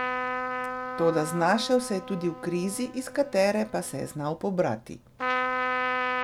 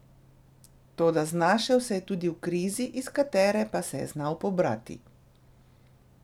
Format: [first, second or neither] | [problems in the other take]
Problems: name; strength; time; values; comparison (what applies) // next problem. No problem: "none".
second | background sound (Trumpet); 4 dB below the speech